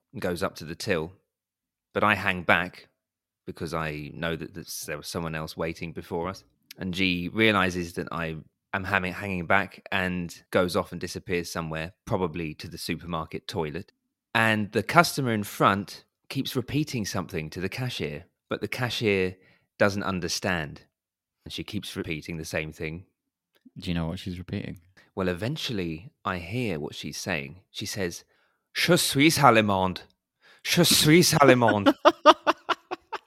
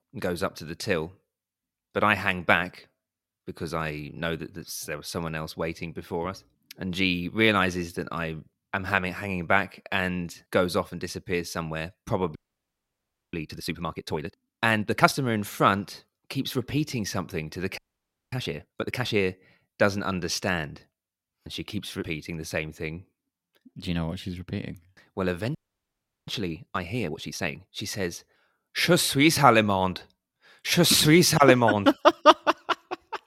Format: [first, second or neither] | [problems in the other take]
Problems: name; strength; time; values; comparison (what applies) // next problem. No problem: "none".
first | audio freezing; at 12 s for 1 s, at 18 s for 0.5 s and at 26 s for 0.5 s